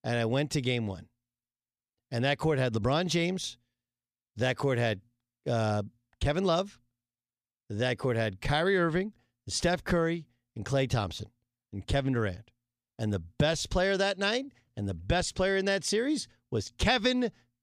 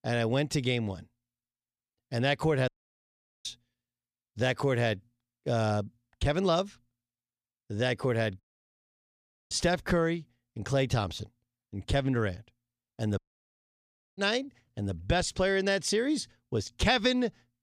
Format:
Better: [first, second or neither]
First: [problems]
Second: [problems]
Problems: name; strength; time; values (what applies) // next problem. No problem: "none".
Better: first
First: none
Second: audio cutting out; at 2.5 s for 1 s, at 8.5 s for 1 s and at 13 s for 1 s